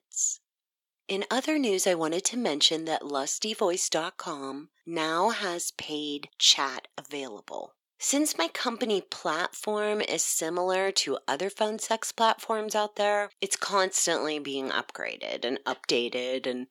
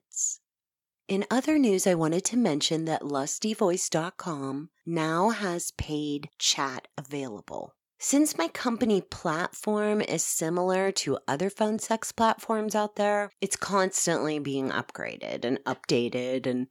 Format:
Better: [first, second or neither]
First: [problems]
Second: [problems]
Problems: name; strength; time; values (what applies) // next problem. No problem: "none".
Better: second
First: thin; very slightly; fading below 350 Hz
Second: none